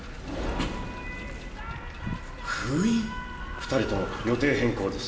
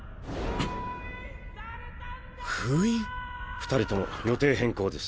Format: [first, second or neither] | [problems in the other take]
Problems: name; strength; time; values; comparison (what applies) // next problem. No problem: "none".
second | background sound (Wind); 13 dB below the speech // room echo; dies away in 0.9 s